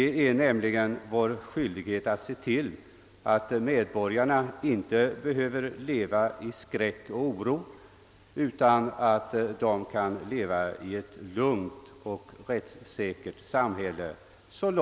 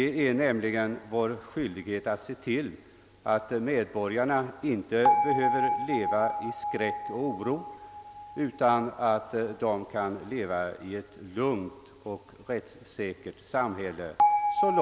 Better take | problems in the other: first | background sound (Bell); 3 dB below the speech

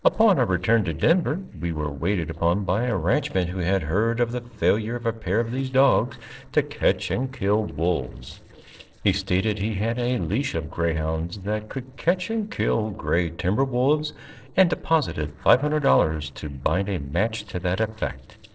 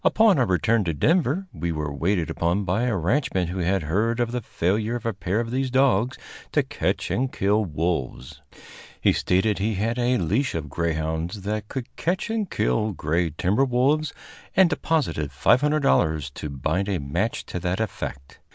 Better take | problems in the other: second | noise reduction (neural separator model SepFormer DNS4)

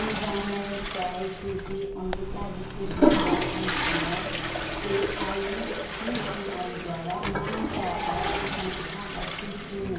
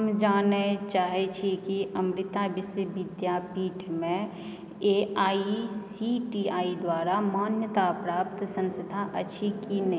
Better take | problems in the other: second | background sound (Toilet flush / Water); 3 dB above the speech // room echo; dies away in 0.6 s

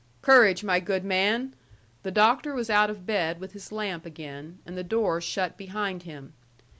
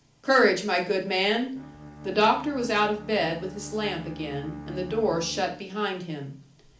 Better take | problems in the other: first | background sound (Bowed string instrument); 16 dB below the speech // room echo; dies away in 0.4 s

